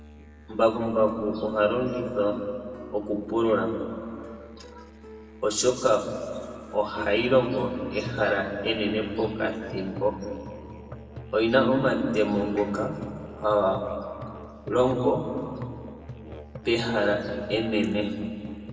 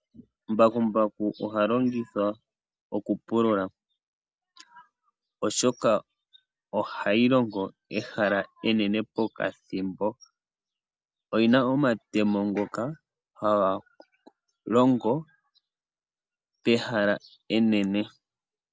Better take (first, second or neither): second